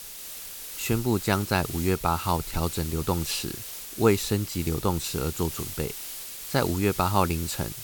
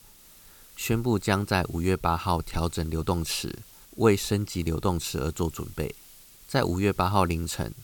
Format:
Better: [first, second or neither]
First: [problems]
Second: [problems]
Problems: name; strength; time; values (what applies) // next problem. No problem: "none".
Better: second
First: hiss; loud; throughout; 8 dB below the speech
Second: hiss; faint; throughout; 20 dB below the speech